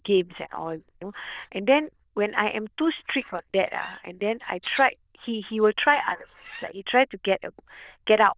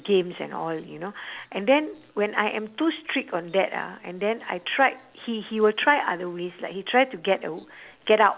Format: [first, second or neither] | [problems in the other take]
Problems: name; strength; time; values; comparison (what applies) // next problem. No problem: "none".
second | noise reduction (neural diffusion model UNIVERSE++)